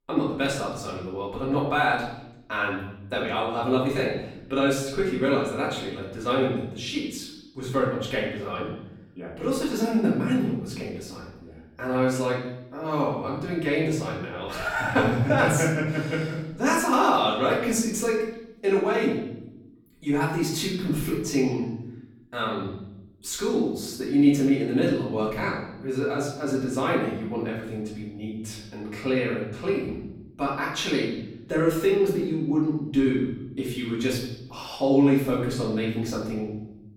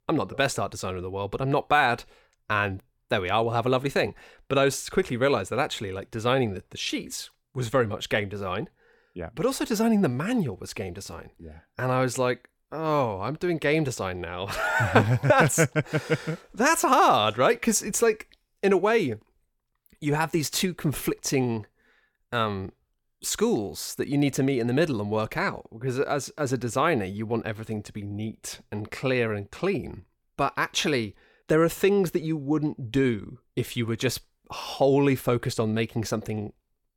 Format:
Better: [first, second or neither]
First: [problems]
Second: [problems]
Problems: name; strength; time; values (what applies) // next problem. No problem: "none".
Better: second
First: room echo; noticeable; dies away in 0.8 s // off-mic speech; far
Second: none